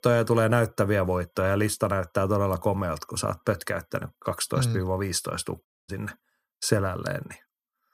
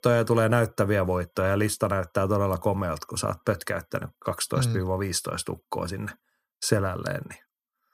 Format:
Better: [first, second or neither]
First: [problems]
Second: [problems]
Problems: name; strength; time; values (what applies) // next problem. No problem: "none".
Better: second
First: audio cutting out; at 5.5 s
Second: none